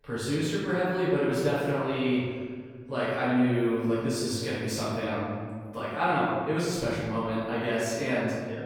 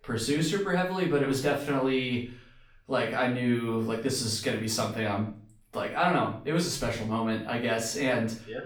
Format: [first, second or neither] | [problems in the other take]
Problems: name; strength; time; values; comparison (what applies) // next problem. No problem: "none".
second | room echo; strong; dies away in 1.8 s; slight in the second // off-mic speech; far; far in the second